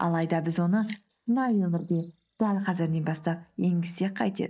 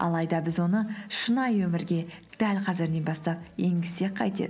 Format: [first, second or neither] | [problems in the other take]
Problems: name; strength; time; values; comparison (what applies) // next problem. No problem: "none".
second | noise reduction (neural mask model DeepFilterNet 3)